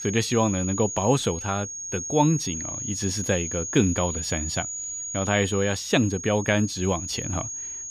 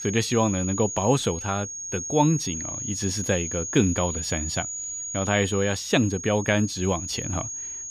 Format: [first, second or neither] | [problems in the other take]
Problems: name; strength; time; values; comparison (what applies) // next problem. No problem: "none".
neither | high-pitched whine; loud; throughout; 6.5 kHz, 5 dB below the speech; the same in both